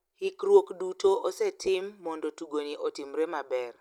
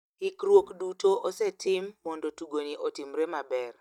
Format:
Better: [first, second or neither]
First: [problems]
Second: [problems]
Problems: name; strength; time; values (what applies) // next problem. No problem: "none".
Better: first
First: none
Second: noise reduction (neural mask model DeepFilterNet 3)